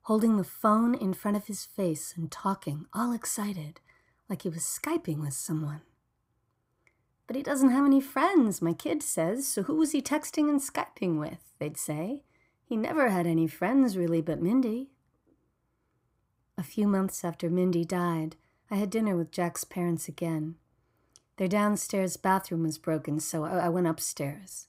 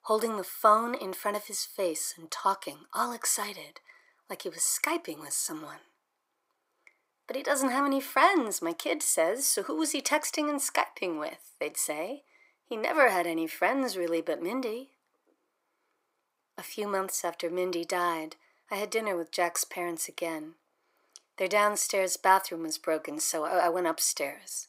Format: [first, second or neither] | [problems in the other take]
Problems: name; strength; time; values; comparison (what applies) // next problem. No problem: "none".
first | thin; very; fading below 450 Hz